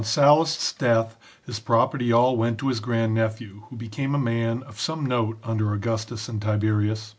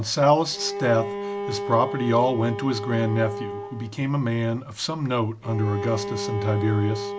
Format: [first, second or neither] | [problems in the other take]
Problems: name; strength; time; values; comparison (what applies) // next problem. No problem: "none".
first | background sound (Bowed string instrument); 8 dB below the speech